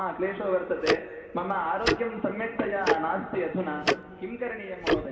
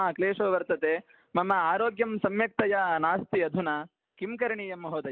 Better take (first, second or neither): second